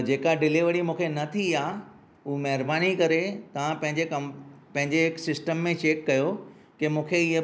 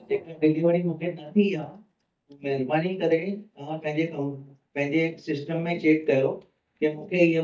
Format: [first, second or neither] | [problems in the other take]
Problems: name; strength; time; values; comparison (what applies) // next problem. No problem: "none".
first | noise reduction (neural mask model DeepFilterNet 3)